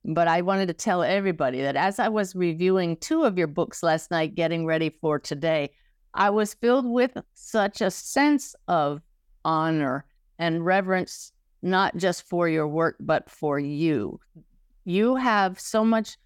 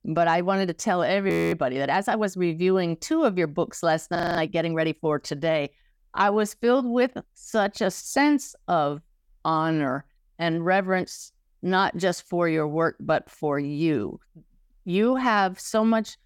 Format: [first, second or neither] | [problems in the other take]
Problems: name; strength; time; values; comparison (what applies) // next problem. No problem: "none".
first | audio freezing; at 1.5 s and at 4 s